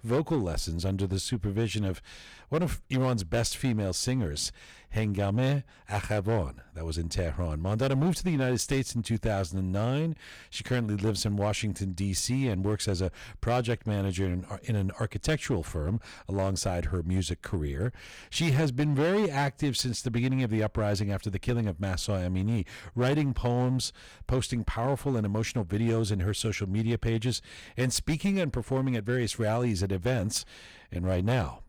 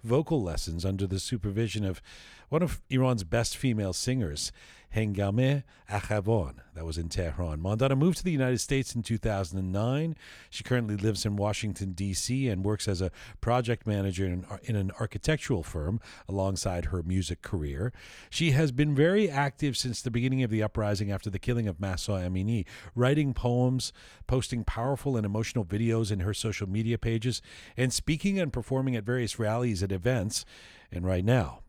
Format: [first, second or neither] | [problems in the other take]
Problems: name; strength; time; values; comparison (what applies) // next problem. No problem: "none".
second | distortion; slight; 7% of the sound clipped